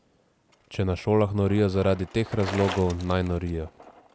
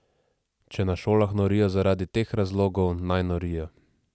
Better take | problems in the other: second | background sound (Bicycle); 15 dB below the speech

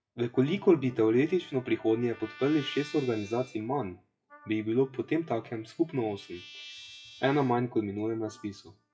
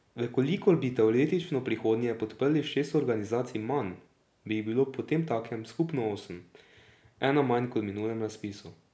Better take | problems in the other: second | noise reduction (classical method WPE with log-MMSE)

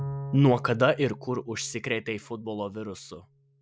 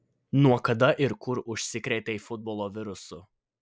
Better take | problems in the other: second | background sound (Bowed string instrument); 13 dB below the speech

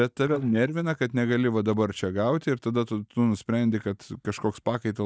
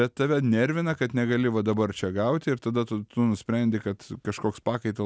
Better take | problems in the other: second | noise reduction (neural mask model DeepFilterNet 3)

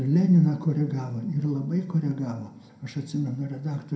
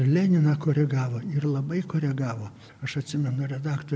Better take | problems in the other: second | room echo; dies away in 0.4 s

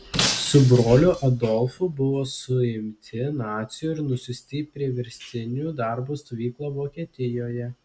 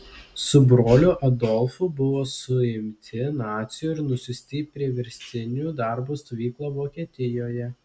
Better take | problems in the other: second | background sound (Shatter); 6 dB below the speech

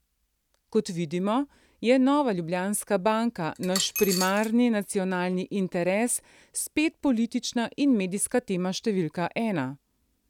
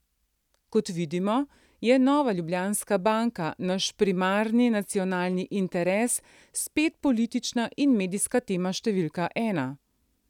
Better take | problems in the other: second | background sound (Coin (dropping)); 7 dB below the speech

